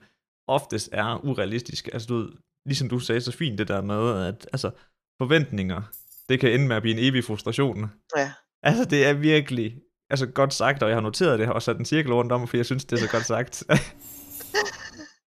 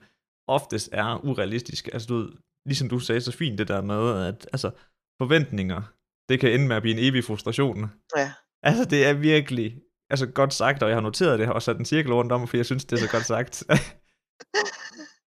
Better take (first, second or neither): second